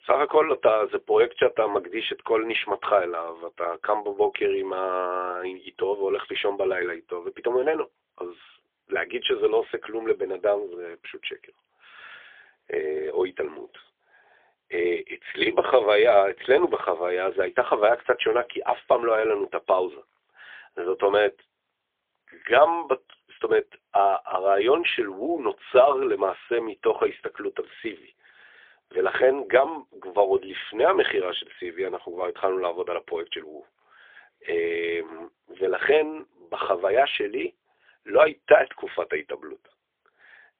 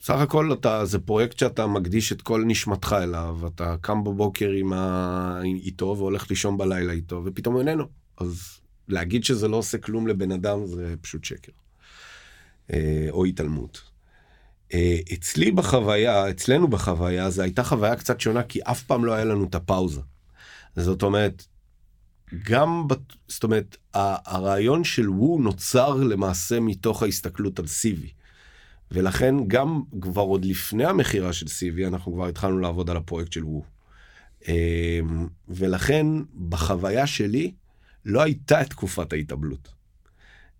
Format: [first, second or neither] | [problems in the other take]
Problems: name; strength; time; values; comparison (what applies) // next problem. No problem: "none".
second | phone-call audio; poor line; nothing above 3.5 kHz